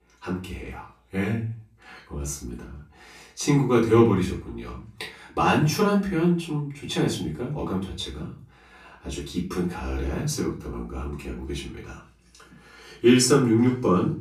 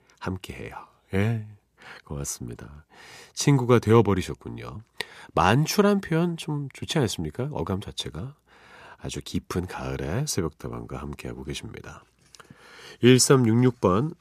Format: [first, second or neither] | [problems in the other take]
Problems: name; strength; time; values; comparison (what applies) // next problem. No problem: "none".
second | off-mic speech; far // room echo; slight; dies away in 0.3 s